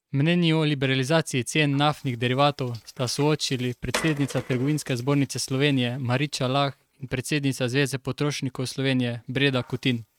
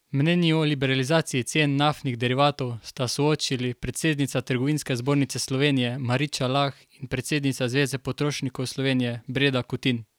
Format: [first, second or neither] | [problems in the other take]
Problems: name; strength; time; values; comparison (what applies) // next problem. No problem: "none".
second | noise reduction (neural mask model RNNoise)